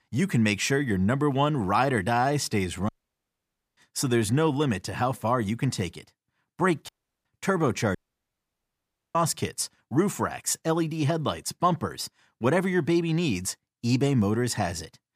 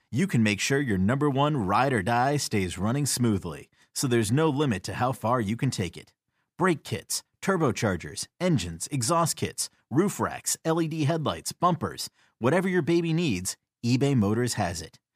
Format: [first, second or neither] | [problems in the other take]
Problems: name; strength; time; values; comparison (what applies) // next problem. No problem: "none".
second | audio cutting out; at 3 s for 1 s, at 7 s and at 8 s for 1 s